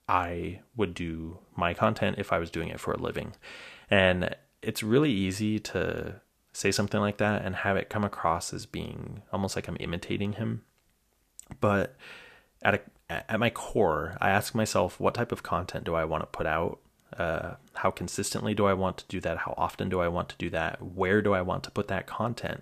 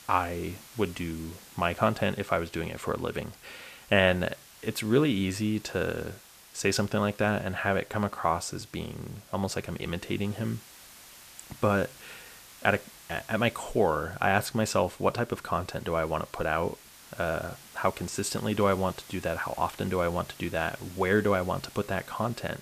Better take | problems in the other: first | hiss; noticeable; throughout; 20 dB below the speech

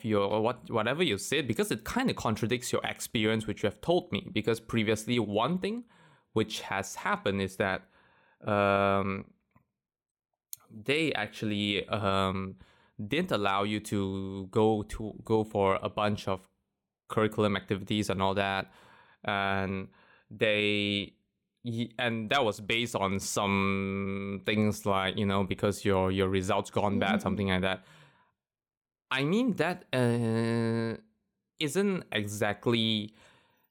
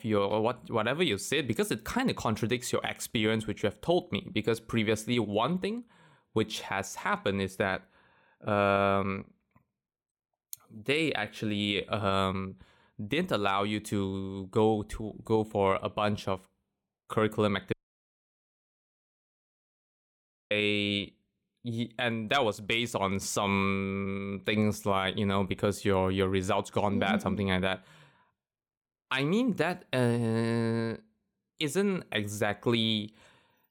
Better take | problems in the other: first | audio cutting out; at 18 s for 3 s

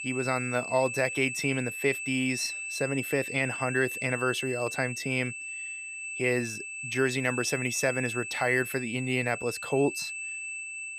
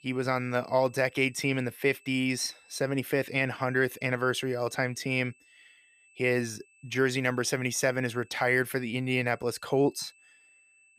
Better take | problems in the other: second | high-pitched whine; loud; throughout; 2.5 kHz, 5 dB below the speech; faint in the second

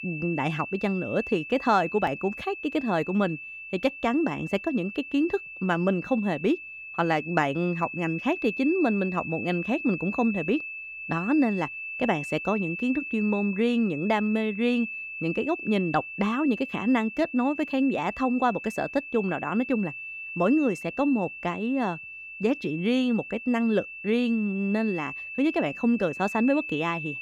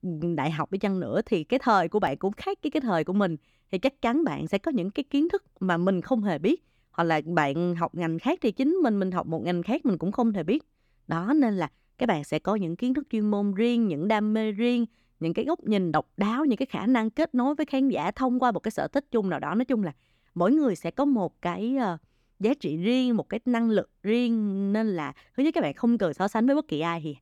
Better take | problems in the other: second | high-pitched whine; loud; throughout; 2.5 kHz, 9 dB below the speech

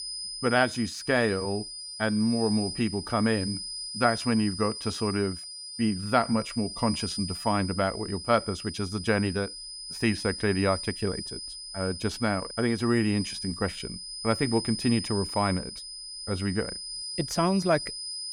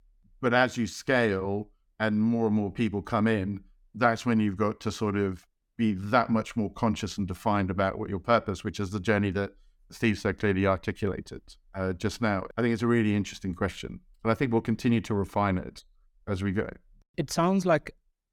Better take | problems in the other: second | high-pitched whine; loud; throughout; 5 kHz, 7 dB below the speech

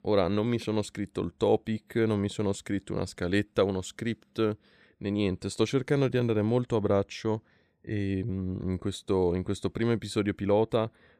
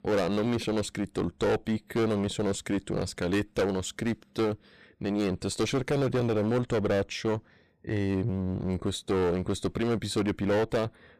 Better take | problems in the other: first | distortion; heavy; 17% of the sound clipped

